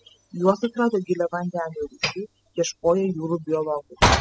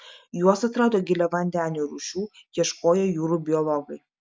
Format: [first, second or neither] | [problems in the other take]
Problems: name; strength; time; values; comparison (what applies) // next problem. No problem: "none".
second | noise reduction (classical method spectral subtraction)